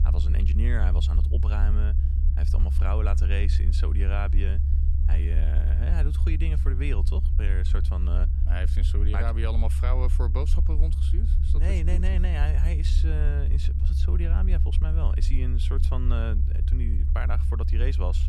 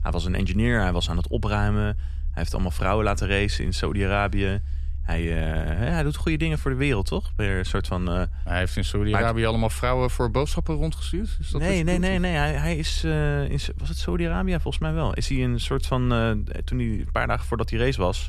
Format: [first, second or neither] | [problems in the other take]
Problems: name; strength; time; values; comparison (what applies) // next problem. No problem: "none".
second | low rumble; loud; throughout; 5 dB below the speech; faint in the second